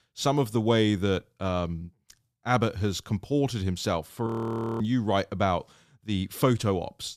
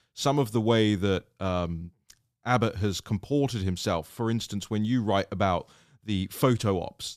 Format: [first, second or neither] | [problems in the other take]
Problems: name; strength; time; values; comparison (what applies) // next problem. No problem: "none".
second | audio freezing; at 4.5 s for 0.5 s